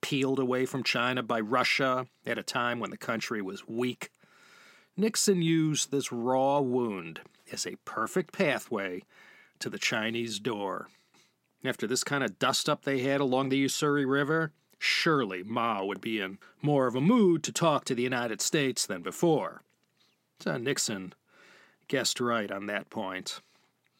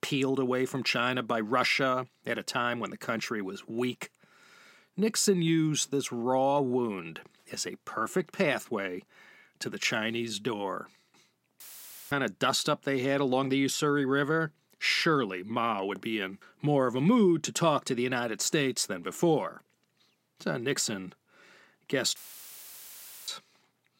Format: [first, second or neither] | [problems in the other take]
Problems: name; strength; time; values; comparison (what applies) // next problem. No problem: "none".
first | audio cutting out; filled with static; at 12 s for 0.5 s and at 22 s for 1 s